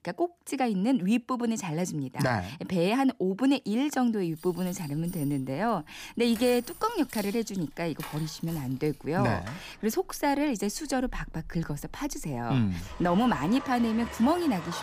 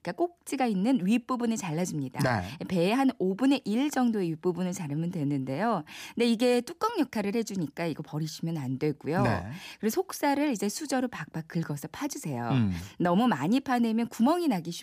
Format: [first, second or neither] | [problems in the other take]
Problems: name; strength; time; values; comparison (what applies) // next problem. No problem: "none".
second | household noises; noticeable; from 4.5 s on; 15 dB below the speech